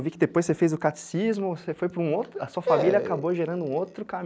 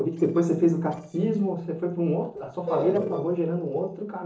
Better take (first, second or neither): first